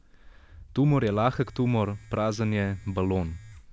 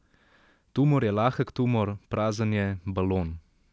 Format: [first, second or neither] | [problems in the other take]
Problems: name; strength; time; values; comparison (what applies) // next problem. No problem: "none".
second | background sound (Wind + Domestic sounds, home sounds); 20 dB below the speech